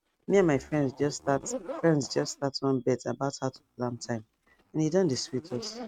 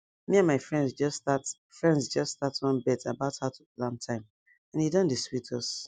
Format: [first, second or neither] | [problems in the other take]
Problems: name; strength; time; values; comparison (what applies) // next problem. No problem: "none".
second | noise reduction (neural mask model RNNoise)